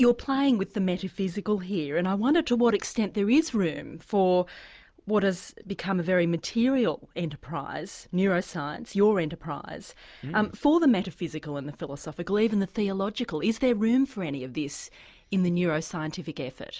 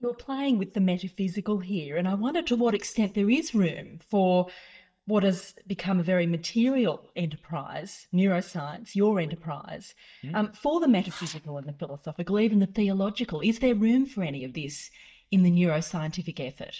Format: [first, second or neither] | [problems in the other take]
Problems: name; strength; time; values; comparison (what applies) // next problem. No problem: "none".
first | noise reduction (neural mask model DeepFilterNet 3)